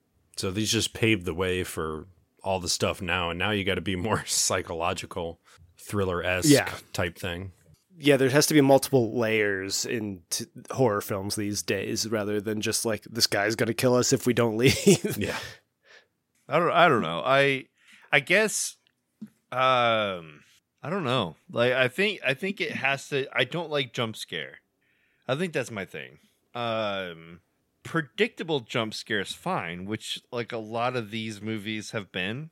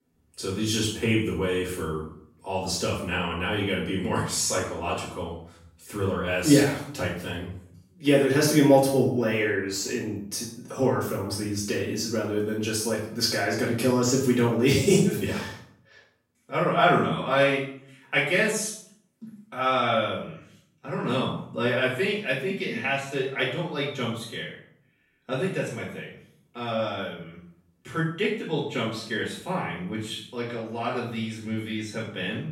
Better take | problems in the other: first | off-mic speech; far // room echo; noticeable; dies away in 0.5 s

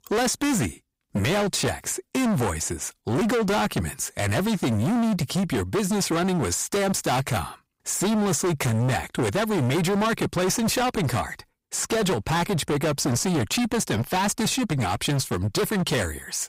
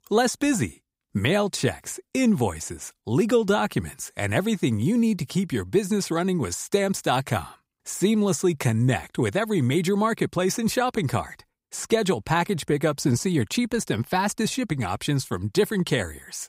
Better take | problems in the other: second | distortion; heavy; 30% of the sound clipped

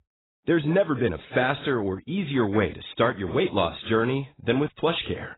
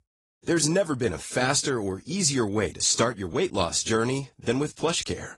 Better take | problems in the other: second | garbled, watery; badly; nothing above 4 kHz; slightly in the second

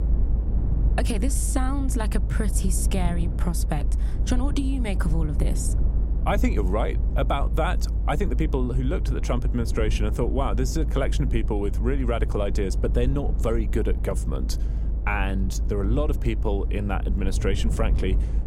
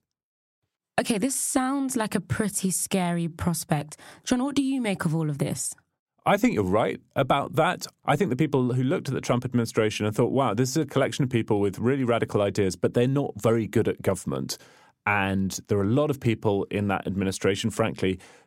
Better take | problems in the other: second | low rumble; noticeable; throughout; 10 dB below the speech

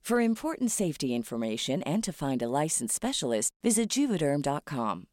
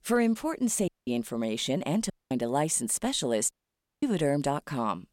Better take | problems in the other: first | audio cutting out; at 1 s, at 2 s and at 3.5 s

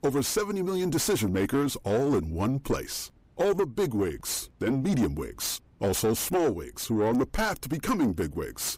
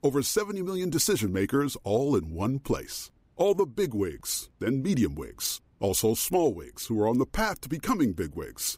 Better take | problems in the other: second | distortion; slight; 10 dB below the speech

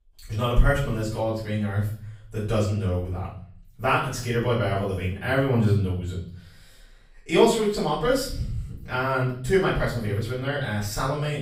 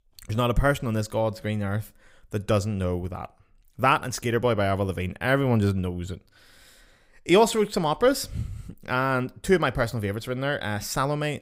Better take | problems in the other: second | off-mic speech; far // room echo; noticeable; dies away in 0.6 s

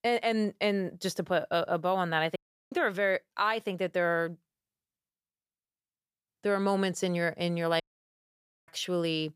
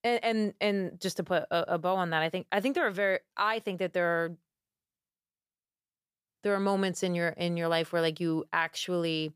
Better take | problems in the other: second | audio cutting out; at 2.5 s and at 8 s for 1 s

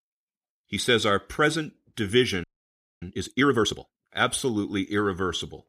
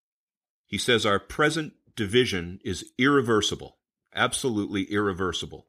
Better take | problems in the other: second | audio freezing; at 2.5 s for 0.5 s

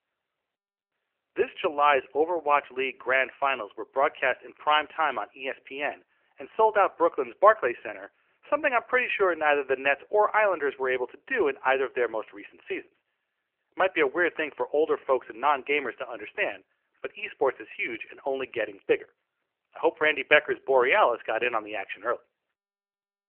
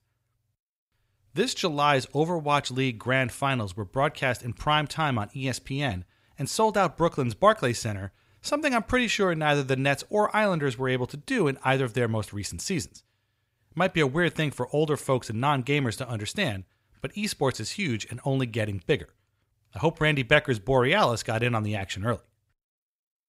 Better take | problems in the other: second | phone-call audio; nothing above 3 kHz

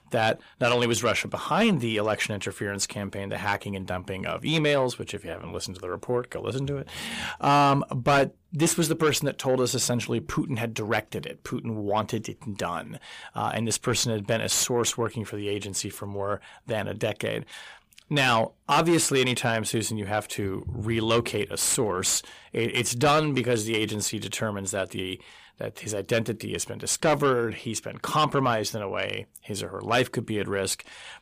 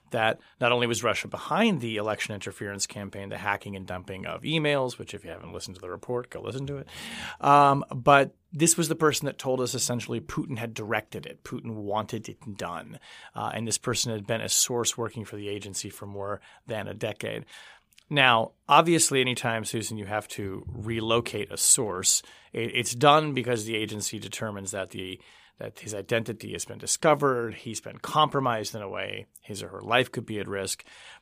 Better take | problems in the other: second | distortion; heavy; 7 dB below the speech

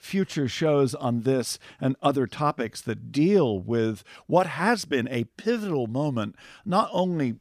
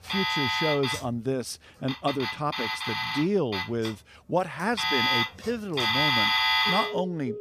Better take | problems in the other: first | alarms or sirens; very loud; throughout; 4 dB above the speech

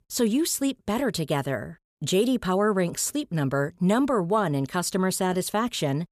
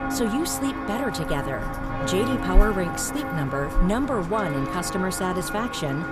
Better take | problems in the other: first | footsteps; loud; until 4 s; peak 3 dB above the speech

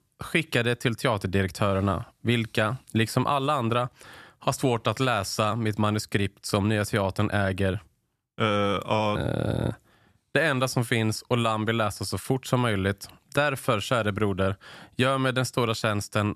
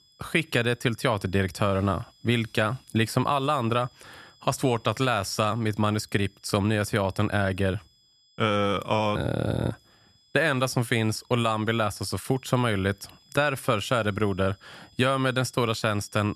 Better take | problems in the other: first | high-pitched whine; faint; throughout; 5 kHz, 30 dB below the speech

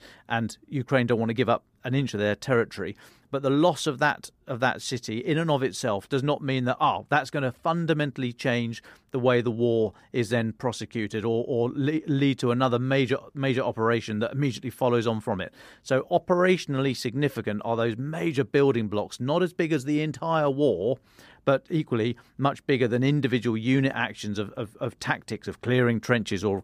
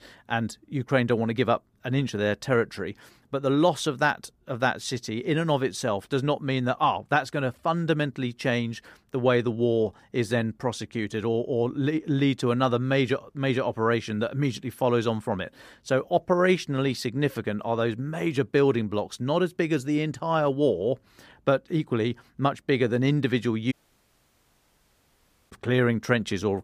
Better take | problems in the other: first | audio cutting out; at 24 s for 2 s

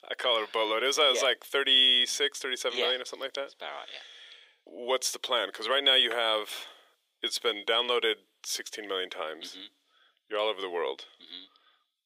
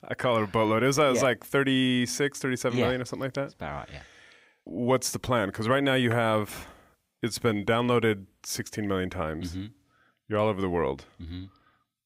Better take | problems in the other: second | thin; very; fading below 400 Hz

